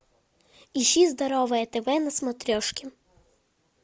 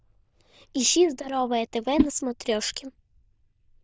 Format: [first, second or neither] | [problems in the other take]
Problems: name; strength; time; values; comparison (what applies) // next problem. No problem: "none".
first | noise reduction (neural diffusion model UNIVERSE++)